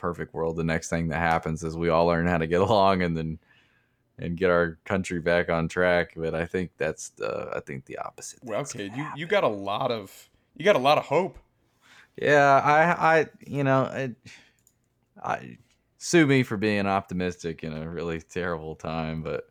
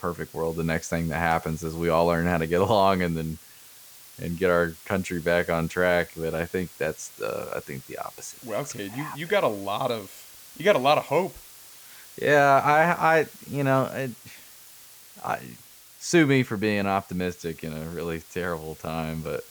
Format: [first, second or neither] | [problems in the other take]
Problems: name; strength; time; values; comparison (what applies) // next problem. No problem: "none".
first | hiss; noticeable; throughout; 20 dB below the speech